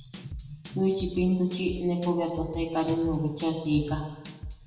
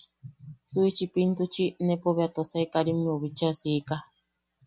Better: second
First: background sound (Drum / Drum kit); 13 dB below the speech // room echo; dies away in 1.1 s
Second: none

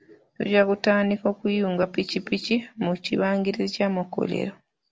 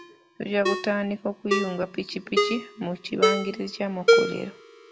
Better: first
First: none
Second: background sound (Ringtone); 3 dB above the speech

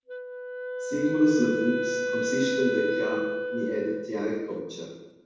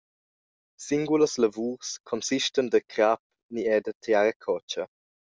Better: second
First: background sound (Wind instrument, woodwind instrument); 3 dB below the speech // room echo; dies away in 1.1 s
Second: none

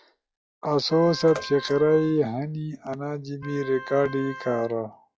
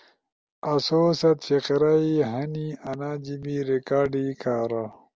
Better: second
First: noise reduction (classical method log-MMSE)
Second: none

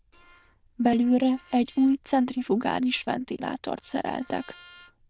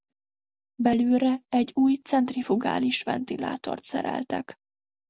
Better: second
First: noise reduction (neural diffusion model UNIVERSE++)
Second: none

